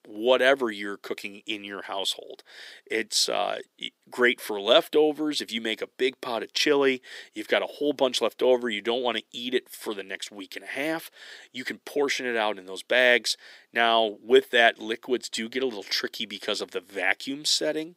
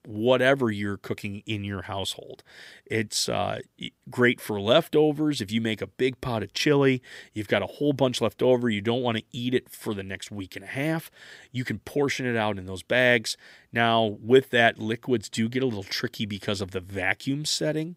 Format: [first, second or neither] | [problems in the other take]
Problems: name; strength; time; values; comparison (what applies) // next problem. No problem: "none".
second | thin; somewhat; fading below 300 Hz